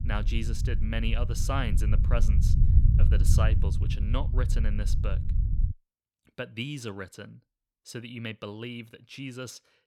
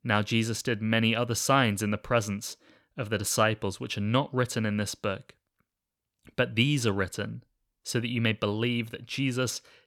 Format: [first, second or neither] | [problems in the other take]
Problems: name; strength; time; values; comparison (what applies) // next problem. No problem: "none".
second | low rumble; loud; until 5.5 s; 6 dB below the speech